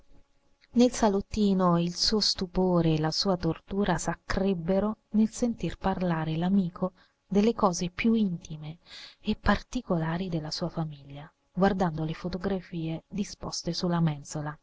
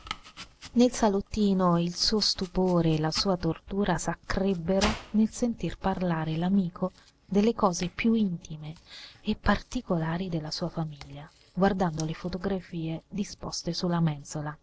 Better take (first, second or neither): first